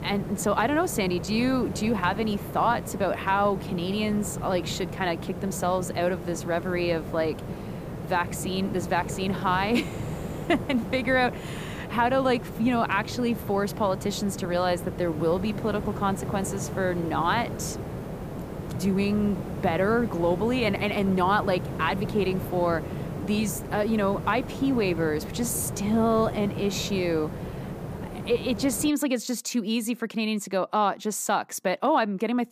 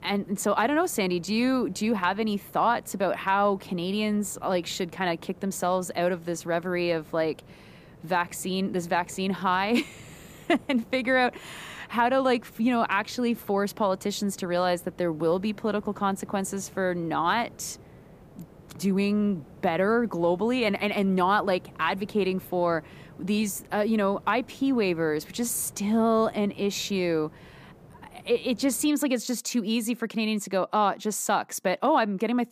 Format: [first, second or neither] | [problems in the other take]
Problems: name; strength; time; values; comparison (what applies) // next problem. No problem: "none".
second | hiss; loud; until 29 s; 8 dB below the speech; faint in the second